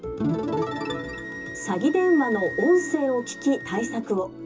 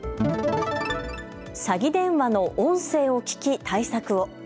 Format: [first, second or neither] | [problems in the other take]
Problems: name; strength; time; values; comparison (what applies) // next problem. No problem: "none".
second | background sound (Wind instrument, woodwind instrument); 13 dB below the speech // room echo; dies away in 0.2 s